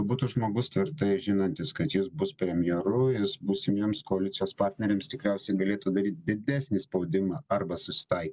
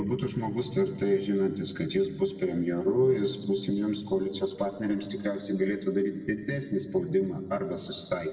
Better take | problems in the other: first | room echo; dies away in 1.6 s

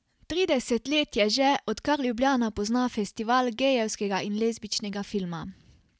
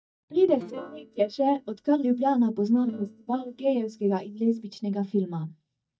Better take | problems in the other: first | noise reduction (neural mask model DeepFilterNet 3)

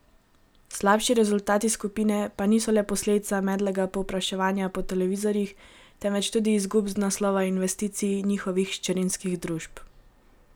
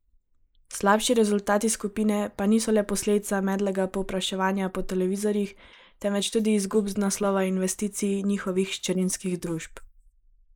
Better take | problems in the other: first | noise reduction (neural mask model Resemble Enhance denoiser)

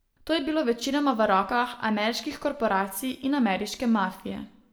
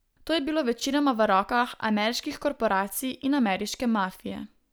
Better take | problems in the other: second | room echo; dies away in 0.6 s

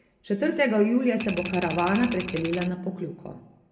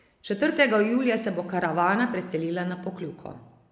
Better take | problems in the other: second | background sound (Typewriter); 11 dB below the speech // room echo; dies away in 0.2 s

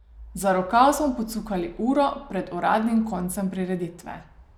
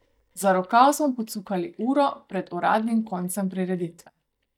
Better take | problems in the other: first | noise reduction (neural mask model DeepFilterNet 3)

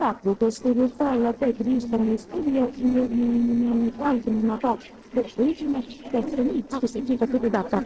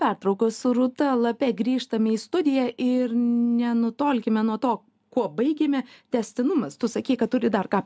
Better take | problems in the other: second | noise reduction (neural separator model SepFormer DNS4)

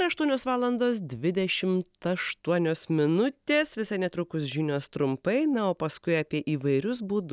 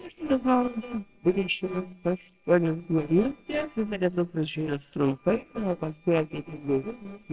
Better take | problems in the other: first | noise reduction (neural separator model SepFormer WHAMR!)

